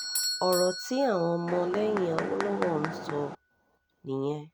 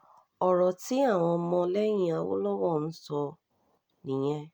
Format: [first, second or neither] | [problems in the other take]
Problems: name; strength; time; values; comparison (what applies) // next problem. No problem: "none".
second | background sound (Bell / Doorbell + Mechanisms); 6 dB below the speech